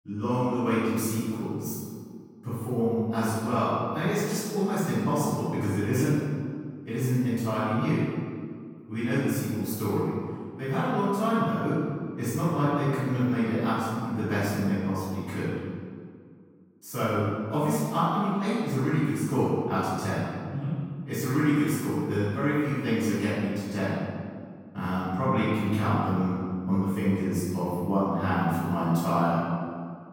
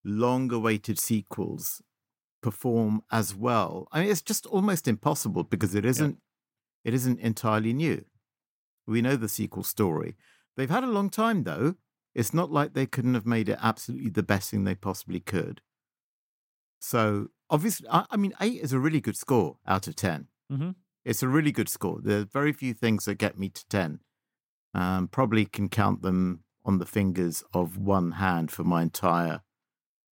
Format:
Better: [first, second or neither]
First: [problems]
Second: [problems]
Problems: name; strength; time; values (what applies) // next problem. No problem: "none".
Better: second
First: room echo; strong; dies away in 1.8 s // off-mic speech; far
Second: none